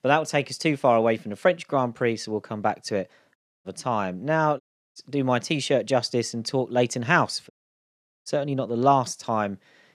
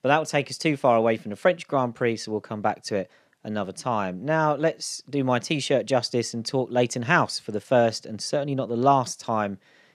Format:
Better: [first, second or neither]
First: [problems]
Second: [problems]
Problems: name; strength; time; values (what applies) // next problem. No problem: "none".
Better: second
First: audio cutting out; at 3.5 s, at 4.5 s and at 7.5 s for 1 s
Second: none